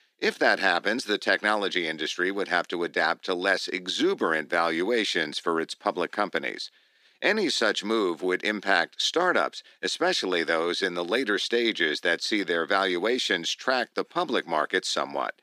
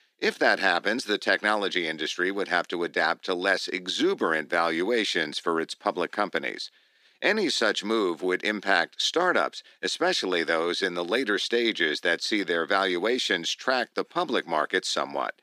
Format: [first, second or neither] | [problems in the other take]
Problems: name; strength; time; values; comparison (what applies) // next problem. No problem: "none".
neither | thin; somewhat; fading below 250 Hz; the same in both